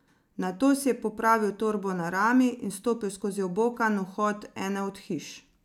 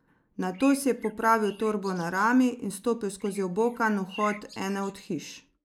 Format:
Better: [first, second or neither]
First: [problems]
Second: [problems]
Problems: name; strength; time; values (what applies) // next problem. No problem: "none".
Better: first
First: none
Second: noise reduction (neural mask model Resemble Enhance denoiser)